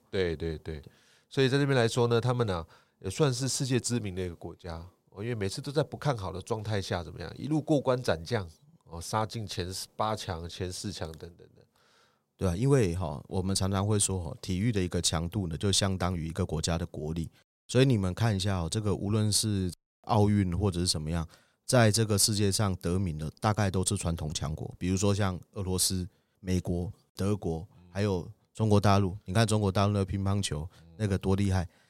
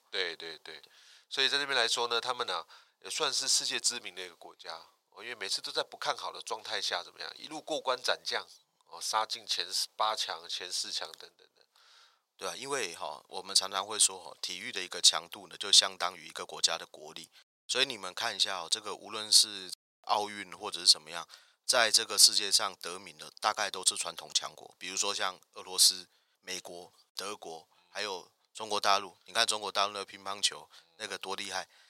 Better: first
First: none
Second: thin; very; fading below 900 Hz

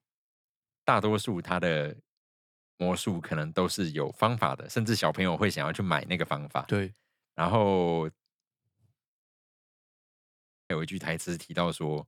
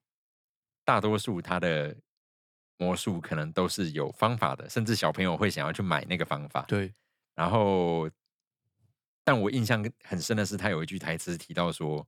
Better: second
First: audio cutting out; at 9.5 s for 1.5 s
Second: none

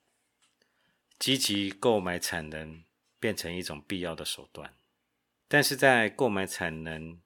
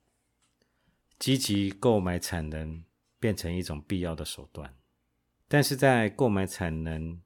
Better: second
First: thin; very slightly; fading below 800 Hz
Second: none

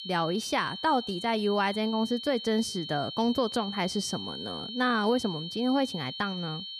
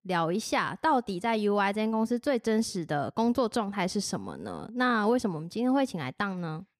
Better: second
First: high-pitched whine; loud; throughout; 3 kHz, 8 dB below the speech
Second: none

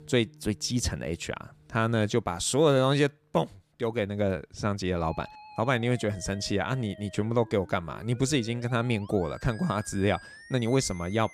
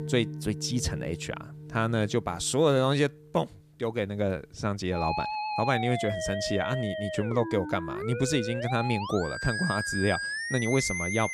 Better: first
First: background music; faint; throughout; 20 dB below the speech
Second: background music; loud; throughout; 4 dB below the speech

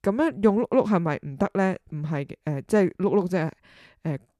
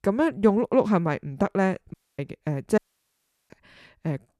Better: first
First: none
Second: audio cutting out; at 2 s and at 3 s for 0.5 s

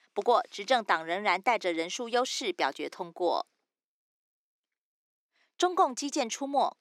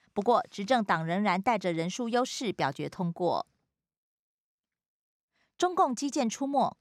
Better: second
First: thin; somewhat; fading below 300 Hz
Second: none

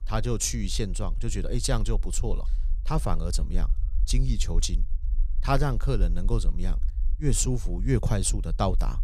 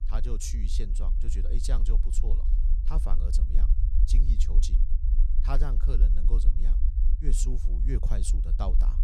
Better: first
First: low rumble; faint; throughout; 25 dB below the speech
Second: low rumble; loud; throughout; 8 dB below the speech

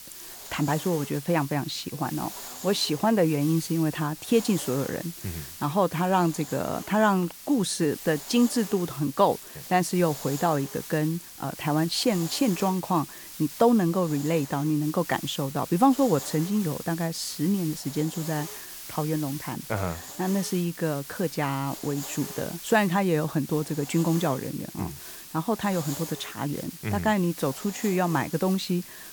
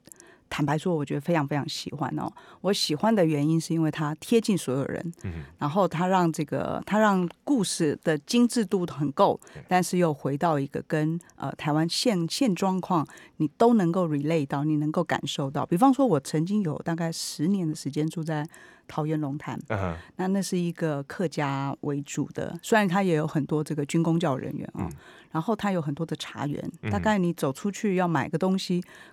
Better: second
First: hiss; noticeable; throughout; 10 dB below the speech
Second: none

